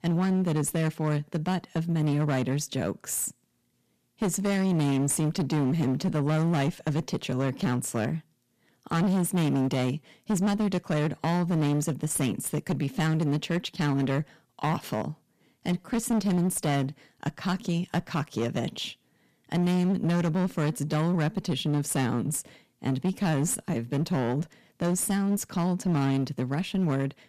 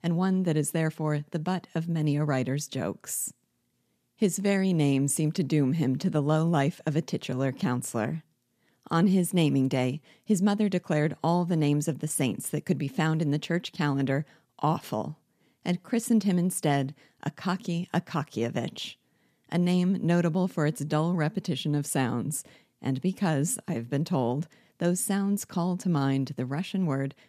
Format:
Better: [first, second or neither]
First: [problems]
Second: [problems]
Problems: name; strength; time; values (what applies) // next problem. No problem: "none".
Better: second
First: distortion; slight; 19% of the sound clipped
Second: none